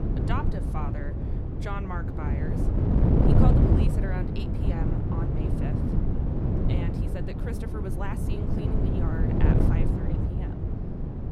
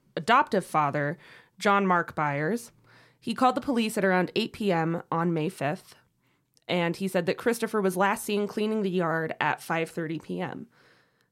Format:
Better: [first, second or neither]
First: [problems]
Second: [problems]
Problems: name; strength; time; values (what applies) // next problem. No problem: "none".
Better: second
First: wind noise on the microphone; heavy; 4 dB above the speech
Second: none